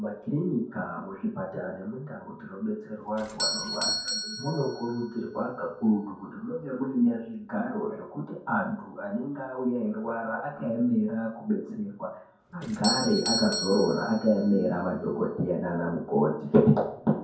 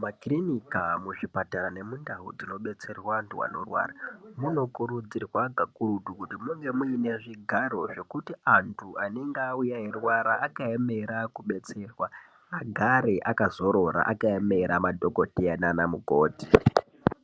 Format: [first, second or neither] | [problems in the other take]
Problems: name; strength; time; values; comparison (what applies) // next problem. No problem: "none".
second | background sound (Doorbell); 11 dB below the speech // room echo; dies away in 0.6 s